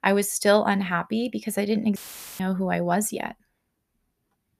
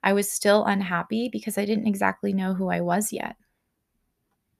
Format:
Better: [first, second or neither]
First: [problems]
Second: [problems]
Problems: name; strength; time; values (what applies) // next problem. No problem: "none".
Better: second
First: audio cutting out; filled with static; at 2 s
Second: none